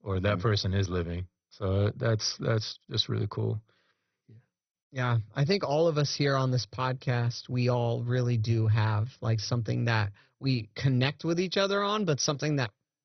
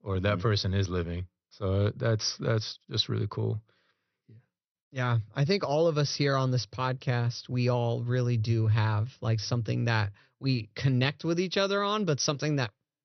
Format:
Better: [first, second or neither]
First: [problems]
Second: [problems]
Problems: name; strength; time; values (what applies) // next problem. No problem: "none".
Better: second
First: garbled, watery; badly; nothing above 6 kHz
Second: garbled, watery; slightly; nothing above 6 kHz